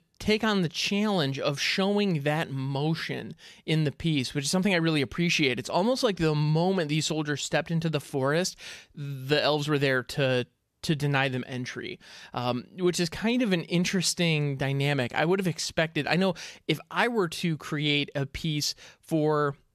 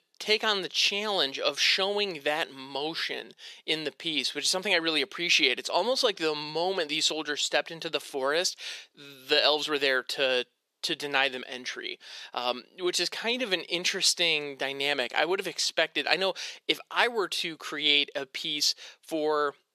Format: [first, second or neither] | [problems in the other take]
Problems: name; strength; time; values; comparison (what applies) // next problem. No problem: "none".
first | thin; very; fading below 350 Hz